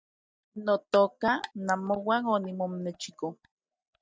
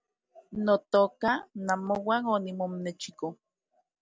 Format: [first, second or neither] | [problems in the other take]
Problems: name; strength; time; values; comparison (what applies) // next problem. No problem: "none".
second | noise reduction (neural mask model DeepFilterNet 3)